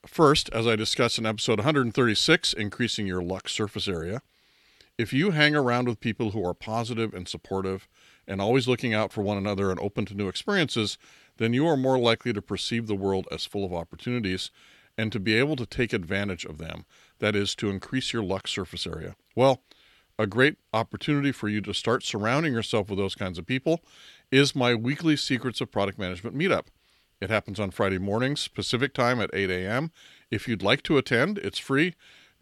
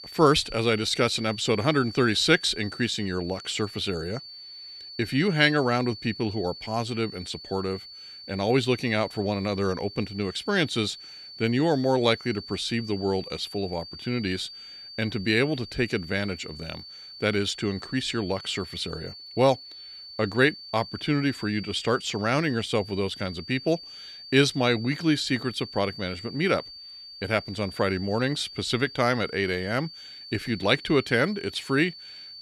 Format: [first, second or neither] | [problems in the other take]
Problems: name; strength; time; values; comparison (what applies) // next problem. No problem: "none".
first | high-pitched whine; noticeable; throughout; 4.5 kHz, 15 dB below the speech